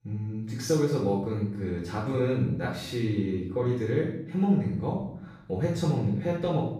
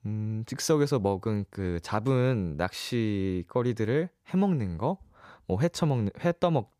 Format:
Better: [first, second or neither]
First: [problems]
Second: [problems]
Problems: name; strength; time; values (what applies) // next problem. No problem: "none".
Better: second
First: off-mic speech; far // room echo; noticeable; dies away in 0.7 s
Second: none